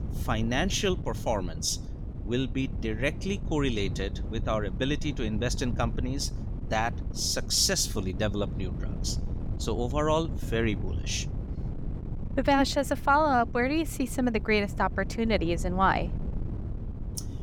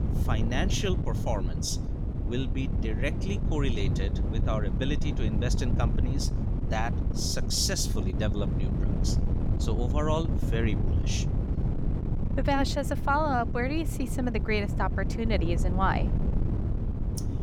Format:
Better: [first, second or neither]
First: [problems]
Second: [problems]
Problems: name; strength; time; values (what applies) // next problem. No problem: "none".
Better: first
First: wind noise on the microphone; occasional gusts; 20 dB below the speech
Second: wind noise on the microphone; heavy; 8 dB below the speech